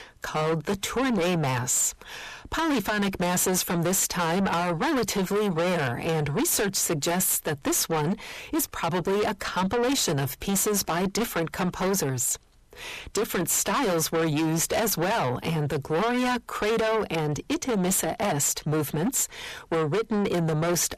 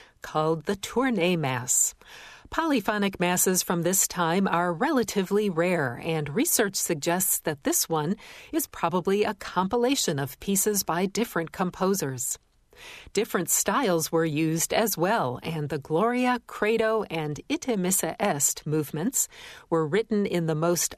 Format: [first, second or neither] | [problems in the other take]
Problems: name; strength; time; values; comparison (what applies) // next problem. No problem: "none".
second | distortion; heavy; 6 dB below the speech